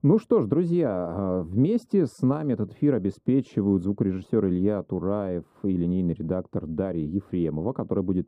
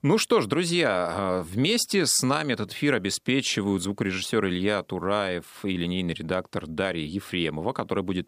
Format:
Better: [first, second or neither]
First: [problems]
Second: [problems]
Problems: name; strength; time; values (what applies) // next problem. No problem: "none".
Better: second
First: muffled; very; fading above 1 kHz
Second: none